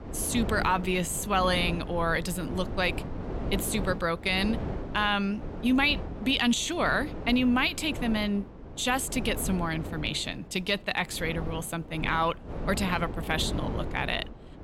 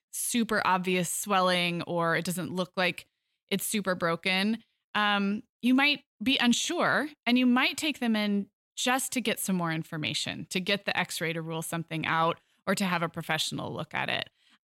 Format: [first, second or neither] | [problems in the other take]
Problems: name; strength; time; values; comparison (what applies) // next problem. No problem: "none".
second | wind noise on the microphone; occasional gusts; 15 dB below the speech